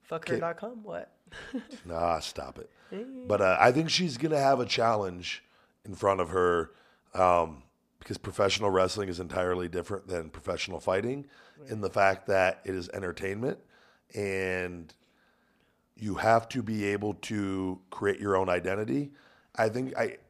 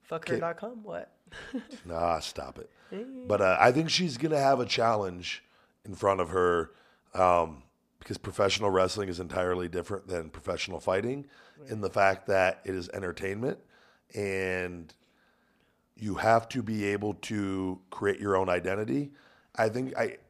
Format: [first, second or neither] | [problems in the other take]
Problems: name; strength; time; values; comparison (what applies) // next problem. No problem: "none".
neither | none